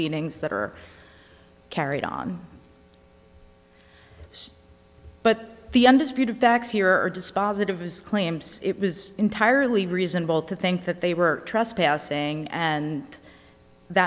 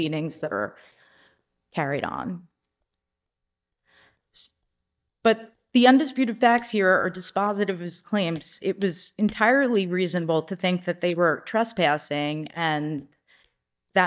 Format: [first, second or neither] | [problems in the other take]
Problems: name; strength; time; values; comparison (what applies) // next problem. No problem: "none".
first | noise reduction (neural mask model DeepFilterNet 3)